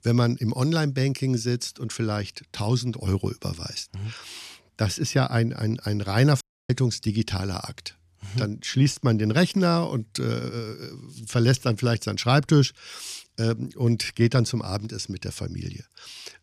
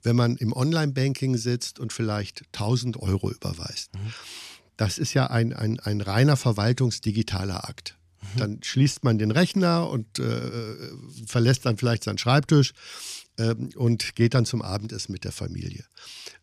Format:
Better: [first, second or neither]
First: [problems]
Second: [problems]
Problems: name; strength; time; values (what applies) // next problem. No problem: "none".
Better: second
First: audio cutting out; at 6.5 s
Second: none